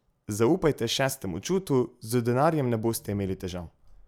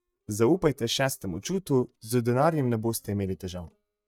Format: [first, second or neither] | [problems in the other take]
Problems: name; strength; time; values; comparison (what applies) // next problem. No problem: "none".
first | noise reduction (neural mask model DeepFilterNet 3)